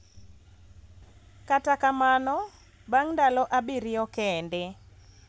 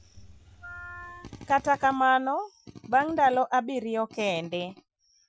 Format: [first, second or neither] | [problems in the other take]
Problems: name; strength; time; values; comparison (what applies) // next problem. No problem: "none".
first | noise reduction (classical method Wiener filter)